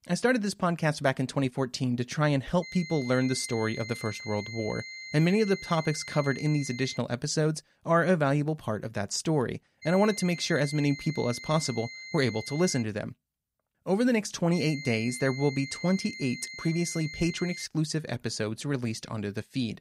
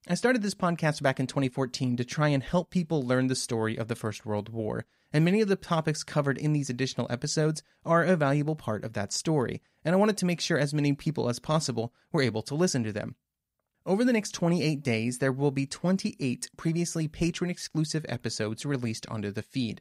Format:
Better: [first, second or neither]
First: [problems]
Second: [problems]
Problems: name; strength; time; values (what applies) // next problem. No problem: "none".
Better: second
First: high-pitched whine; noticeable; from 2.5 to 7 s, from 10 to 13 s and from 15 to 18 s; 2 kHz, 10 dB below the speech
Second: none